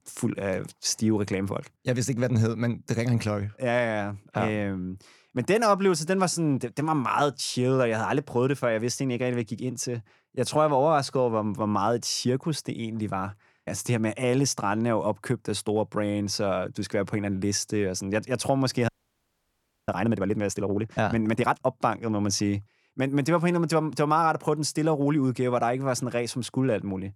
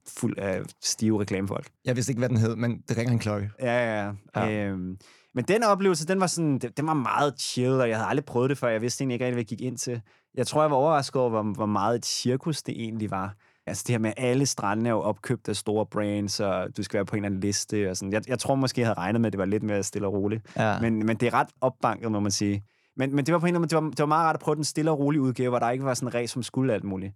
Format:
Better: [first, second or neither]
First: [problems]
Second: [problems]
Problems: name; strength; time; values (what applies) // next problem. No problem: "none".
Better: second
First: audio freezing; at 19 s for 1 s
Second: none